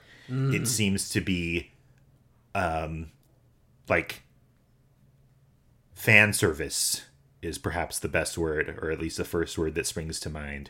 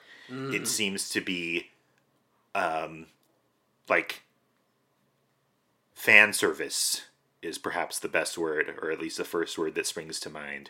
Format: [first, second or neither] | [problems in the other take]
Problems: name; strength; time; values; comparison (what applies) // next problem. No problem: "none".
first | thin; somewhat; fading below 300 Hz